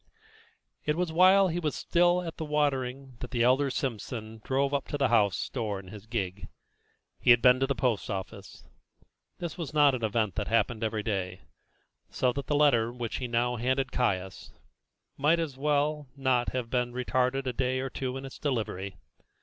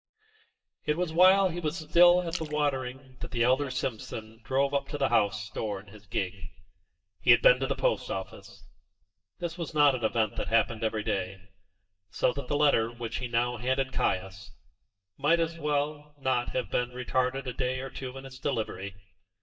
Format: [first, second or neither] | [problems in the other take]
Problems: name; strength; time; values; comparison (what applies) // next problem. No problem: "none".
first | noise reduction (neural mask model DeepFilterNet 3)